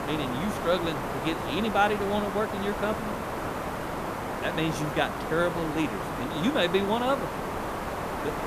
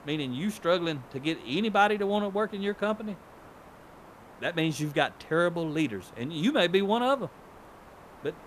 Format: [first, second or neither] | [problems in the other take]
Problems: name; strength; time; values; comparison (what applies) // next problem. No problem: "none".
second | hiss; loud; throughout; 3 dB below the speech; faint in the second